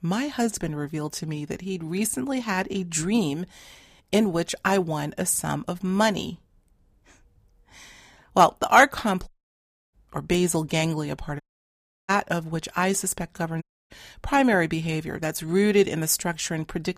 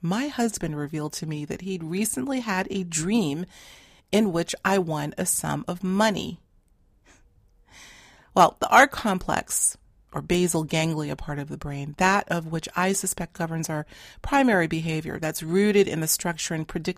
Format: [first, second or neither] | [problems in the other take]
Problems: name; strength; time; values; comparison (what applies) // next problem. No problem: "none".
second | audio cutting out; at 9.5 s for 0.5 s, at 11 s for 0.5 s and at 14 s